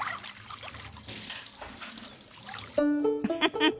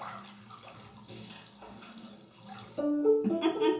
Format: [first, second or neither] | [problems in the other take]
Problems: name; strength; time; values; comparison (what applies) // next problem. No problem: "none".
first | room echo; dies away in 0.6 s